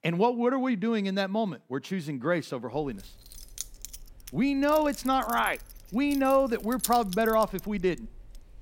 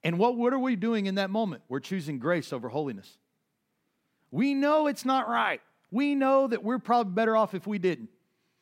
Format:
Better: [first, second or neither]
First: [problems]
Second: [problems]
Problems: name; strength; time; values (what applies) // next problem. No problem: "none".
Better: second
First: jangling keys; noticeable; from 3 s on; peak 5 dB below the speech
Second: none